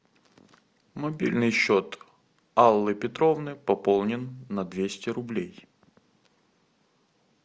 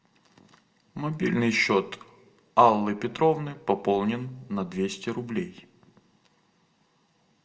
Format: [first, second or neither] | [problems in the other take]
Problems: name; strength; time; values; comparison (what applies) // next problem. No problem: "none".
first | room echo; dies away in 0.5 s